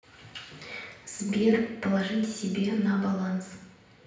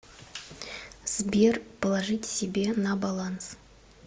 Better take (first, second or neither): second